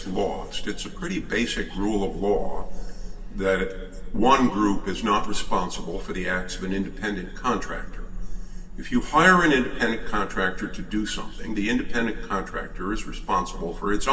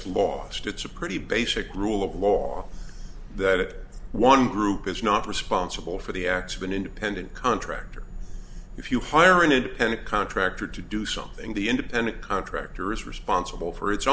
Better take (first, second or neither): second